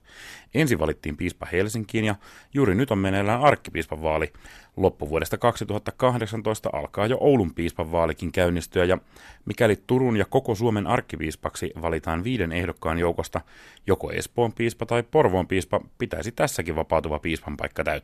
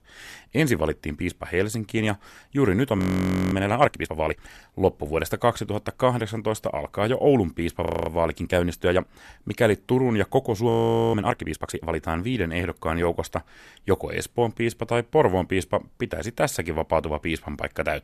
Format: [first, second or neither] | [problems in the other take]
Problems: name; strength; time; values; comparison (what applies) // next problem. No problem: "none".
first | audio freezing; at 3 s for 0.5 s, at 8 s and at 11 s